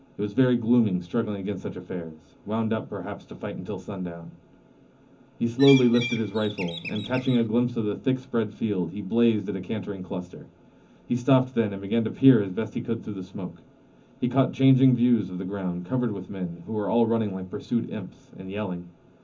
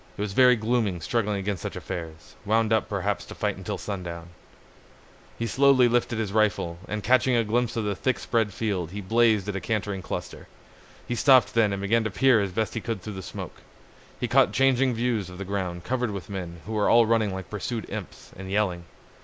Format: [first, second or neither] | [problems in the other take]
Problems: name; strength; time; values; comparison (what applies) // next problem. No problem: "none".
second | background sound (Bird); 10 dB below the speech // room echo; dies away in 0.3 s